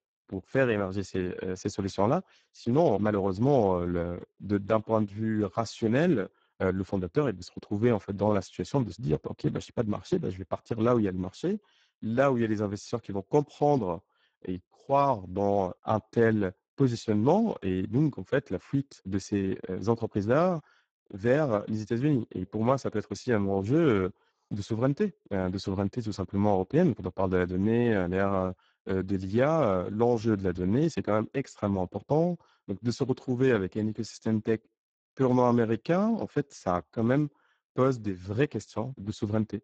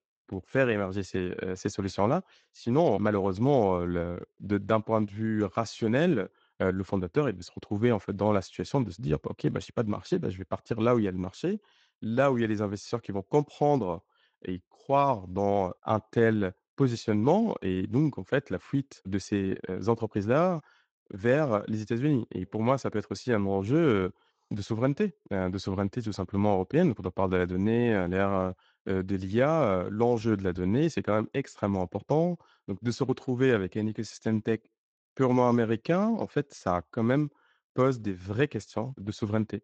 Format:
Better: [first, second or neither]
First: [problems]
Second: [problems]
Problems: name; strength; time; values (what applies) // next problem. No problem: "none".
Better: second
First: garbled, watery; badly; nothing above 7.5 kHz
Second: garbled, watery; slightly; nothing above 7.5 kHz